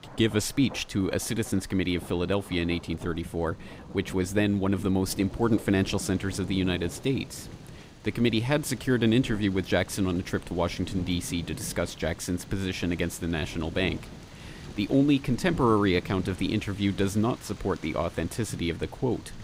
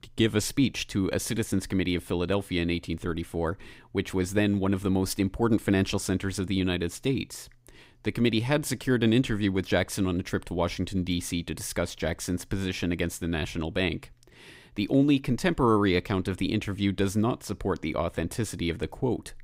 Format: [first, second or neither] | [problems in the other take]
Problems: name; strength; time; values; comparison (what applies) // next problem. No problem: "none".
second | rain or running water; noticeable; throughout; 15 dB below the speech